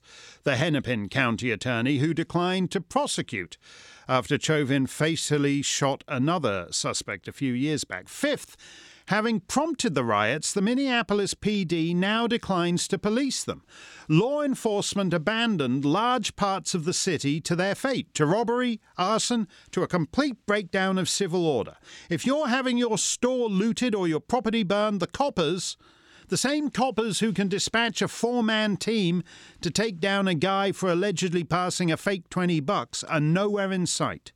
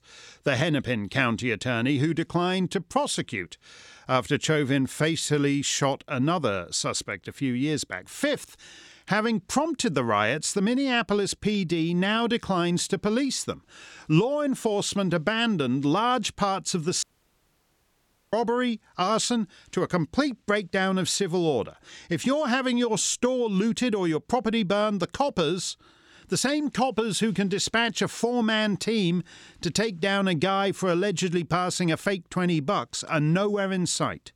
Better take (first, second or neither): first